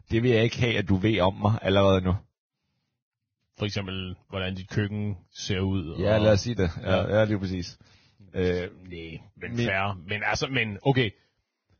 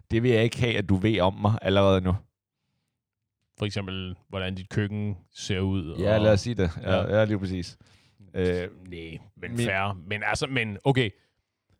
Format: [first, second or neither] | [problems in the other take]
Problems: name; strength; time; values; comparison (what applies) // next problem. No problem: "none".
second | garbled, watery; badly; nothing above 6.5 kHz